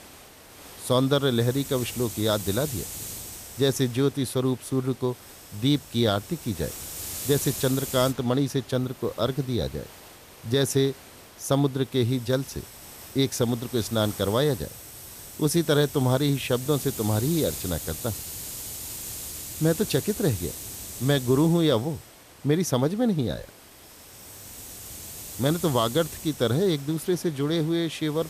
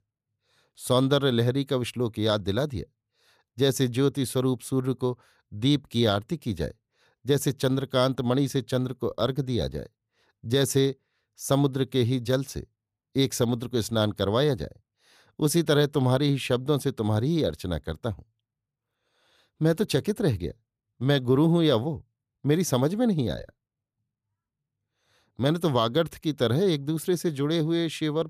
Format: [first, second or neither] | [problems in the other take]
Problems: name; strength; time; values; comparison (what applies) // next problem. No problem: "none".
second | hiss; noticeable; throughout; 10 dB below the speech